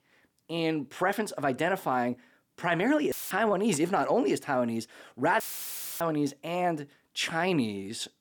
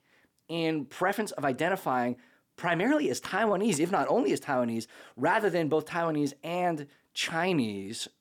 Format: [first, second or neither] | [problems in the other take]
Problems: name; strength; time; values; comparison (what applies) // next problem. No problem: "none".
second | audio cutting out; filled with static; at 3 s and at 5.5 s for 0.5 s